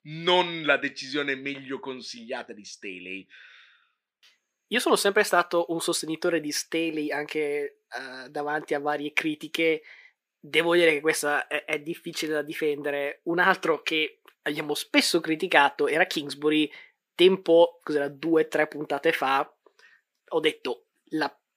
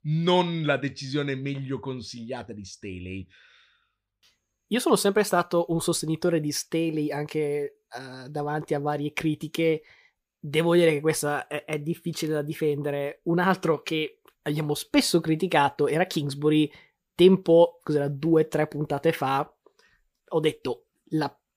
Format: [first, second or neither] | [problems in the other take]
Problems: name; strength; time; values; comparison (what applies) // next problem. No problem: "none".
second | thin; somewhat; fading below 250 Hz